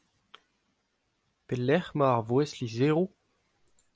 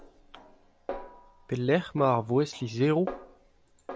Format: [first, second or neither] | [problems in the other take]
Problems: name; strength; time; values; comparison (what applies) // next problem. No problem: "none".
first | background sound (Snare drum); 14 dB below the speech